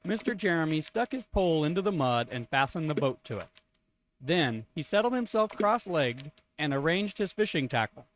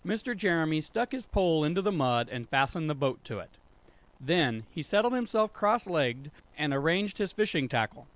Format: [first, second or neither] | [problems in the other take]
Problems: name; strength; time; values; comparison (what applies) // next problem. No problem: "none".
second | noise reduction (neural mask model RNNoise)